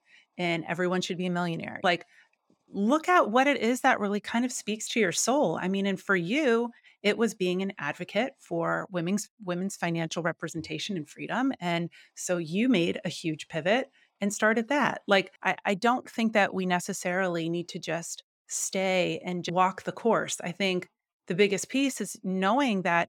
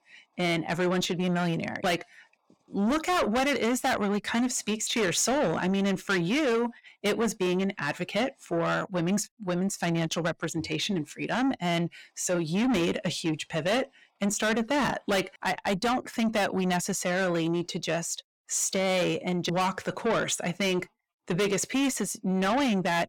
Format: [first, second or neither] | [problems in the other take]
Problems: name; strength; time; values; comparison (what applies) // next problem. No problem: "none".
first | distortion; heavy; 6 dB below the speech